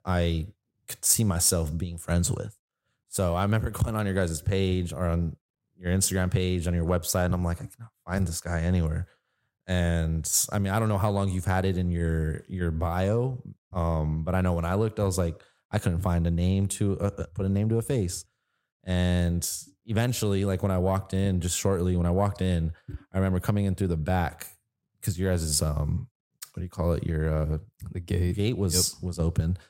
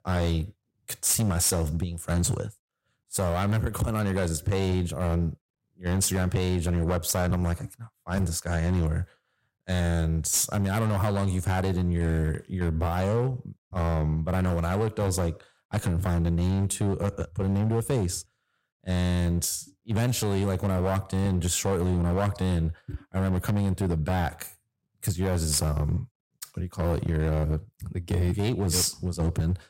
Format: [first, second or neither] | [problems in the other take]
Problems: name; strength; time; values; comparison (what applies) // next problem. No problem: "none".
first | distortion; slight; 11% of the sound clipped